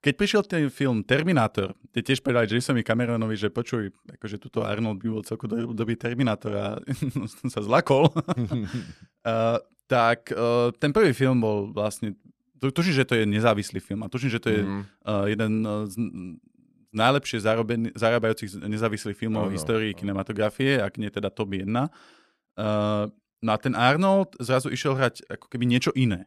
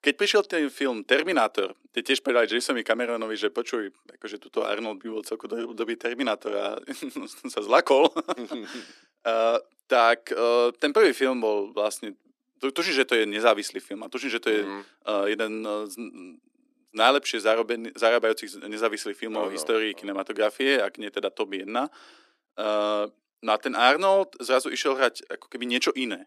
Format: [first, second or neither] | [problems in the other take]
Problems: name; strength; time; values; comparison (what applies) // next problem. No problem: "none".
first | thin; somewhat; fading below 300 Hz